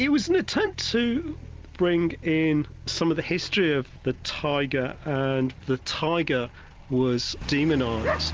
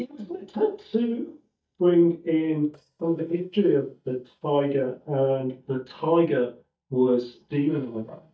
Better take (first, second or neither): first